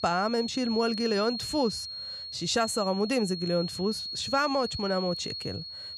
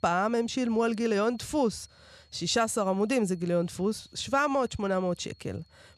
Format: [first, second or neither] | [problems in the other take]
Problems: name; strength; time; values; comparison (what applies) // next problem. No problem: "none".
second | high-pitched whine; loud; throughout; 4.5 kHz, 6 dB below the speech; faint in the second